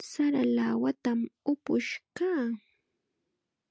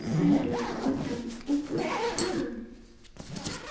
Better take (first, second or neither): first